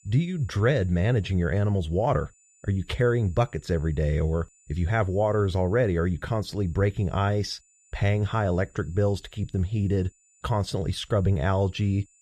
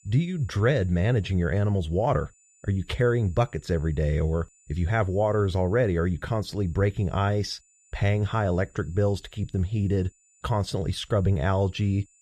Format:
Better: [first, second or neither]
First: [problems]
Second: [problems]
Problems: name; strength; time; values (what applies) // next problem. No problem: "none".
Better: neither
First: high-pitched whine; faint; throughout; 7 kHz, 30 dB below the speech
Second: high-pitched whine; faint; throughout; 7 kHz, 30 dB below the speech